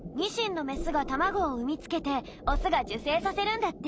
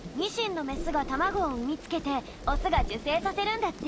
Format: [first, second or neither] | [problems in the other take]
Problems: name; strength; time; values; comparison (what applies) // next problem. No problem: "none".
first | background sound (Rain); 11 dB below the speech